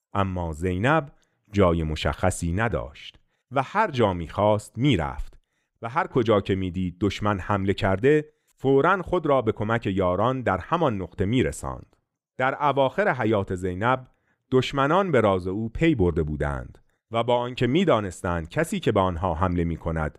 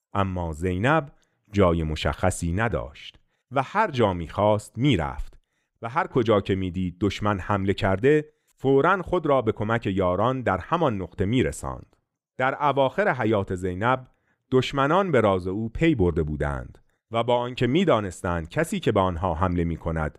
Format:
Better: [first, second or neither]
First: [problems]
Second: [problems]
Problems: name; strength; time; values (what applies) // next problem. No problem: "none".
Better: neither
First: none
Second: none